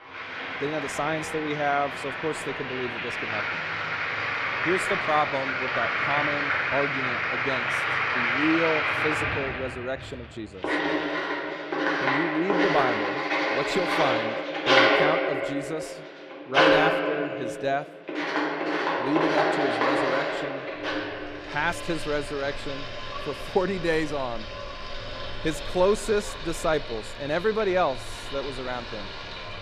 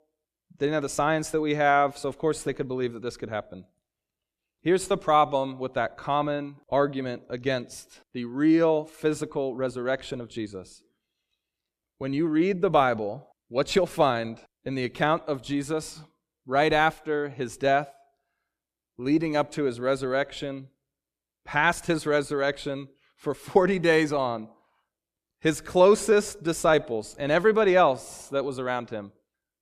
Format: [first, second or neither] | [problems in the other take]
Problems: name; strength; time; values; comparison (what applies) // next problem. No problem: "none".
second | household noises; very loud; throughout; 3 dB above the speech